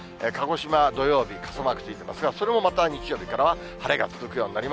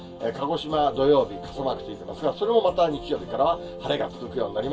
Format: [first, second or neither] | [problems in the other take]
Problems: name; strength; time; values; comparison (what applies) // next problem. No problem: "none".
first | room echo; dies away in 0.2 s